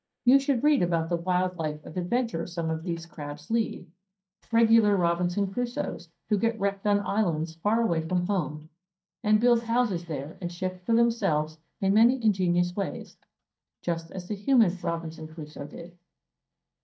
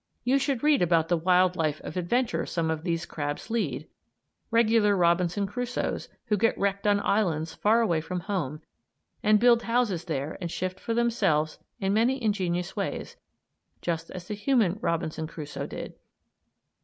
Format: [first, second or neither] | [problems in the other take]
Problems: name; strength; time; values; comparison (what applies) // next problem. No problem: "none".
second | noise reduction (neural mask model DeepFilterNet 3)